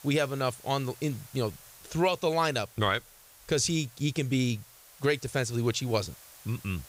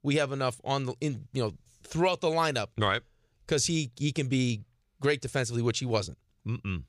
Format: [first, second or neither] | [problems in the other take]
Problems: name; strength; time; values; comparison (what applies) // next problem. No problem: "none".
second | hiss; faint; throughout; 20 dB below the speech